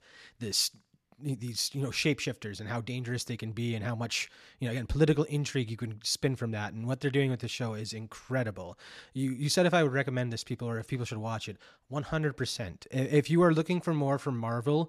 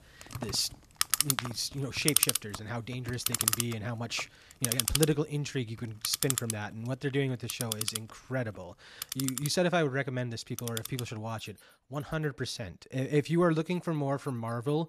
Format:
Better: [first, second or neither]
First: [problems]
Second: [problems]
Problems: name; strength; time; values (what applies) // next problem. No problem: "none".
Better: first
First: none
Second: household noises; very loud; throughout; 2 dB above the speech